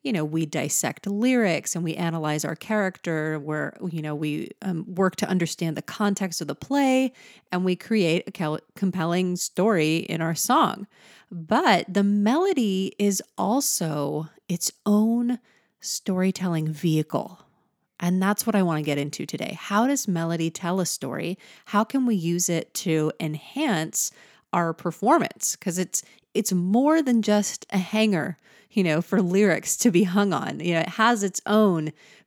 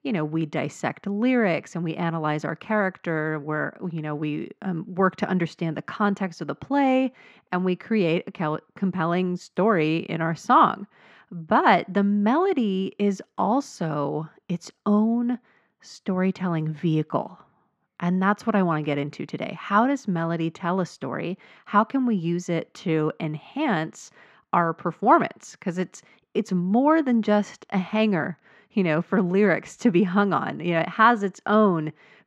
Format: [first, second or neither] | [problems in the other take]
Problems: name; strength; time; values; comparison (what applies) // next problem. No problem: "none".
first | muffled; very; fading above 2.5 kHz